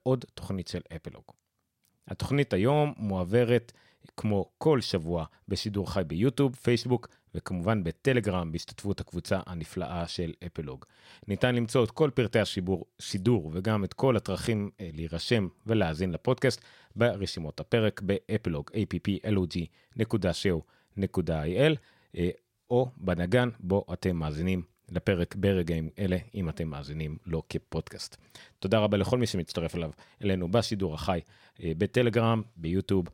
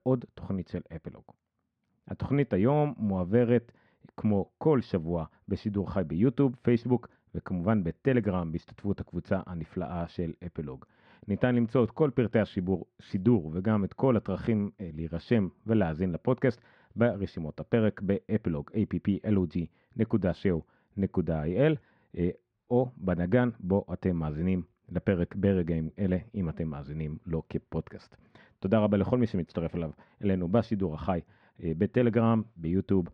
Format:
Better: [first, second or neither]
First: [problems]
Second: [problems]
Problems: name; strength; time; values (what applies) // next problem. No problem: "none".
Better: first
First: none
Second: muffled; very; fading above 2 kHz